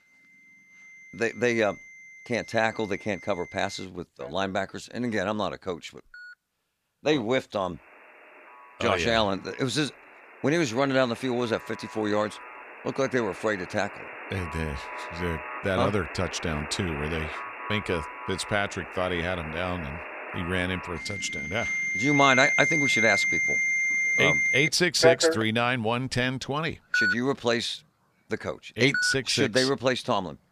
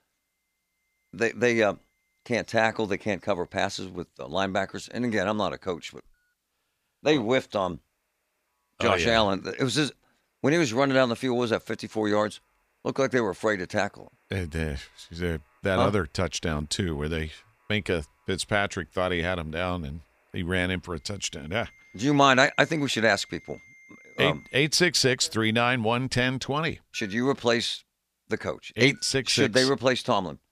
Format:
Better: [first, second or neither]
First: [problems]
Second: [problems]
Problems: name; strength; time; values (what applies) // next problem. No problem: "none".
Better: second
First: alarms or sirens; loud; throughout; as loud as the speech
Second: alarms or sirens; faint; throughout; 30 dB below the speech